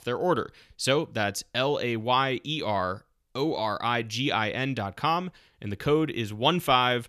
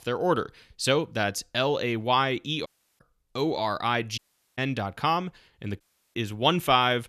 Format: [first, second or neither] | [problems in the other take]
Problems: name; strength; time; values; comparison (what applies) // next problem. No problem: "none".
first | audio cutting out; at 2.5 s, at 4 s and at 6 s